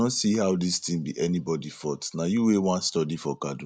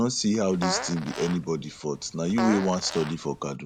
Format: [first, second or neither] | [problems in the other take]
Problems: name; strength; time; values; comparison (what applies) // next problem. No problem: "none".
first | background sound (Fart); 9 dB below the speech